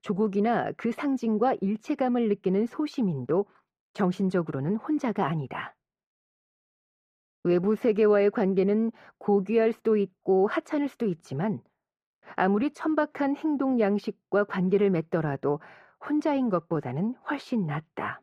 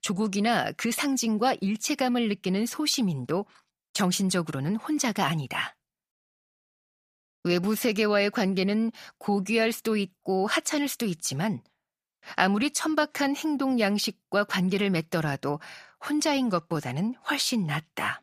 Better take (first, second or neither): second